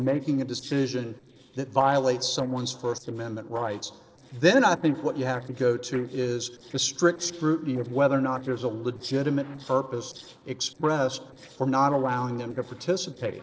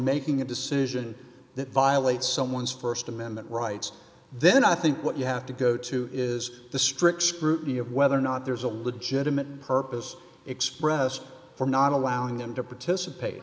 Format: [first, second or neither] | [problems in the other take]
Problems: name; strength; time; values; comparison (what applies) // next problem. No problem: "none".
second | noise reduction (neural separator model SepFormer DNS4)